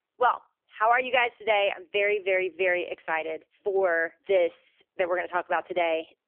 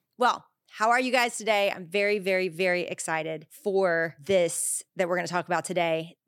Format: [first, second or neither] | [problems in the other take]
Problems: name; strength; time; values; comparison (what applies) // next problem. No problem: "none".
second | phone-call audio; poor line; nothing above 3 kHz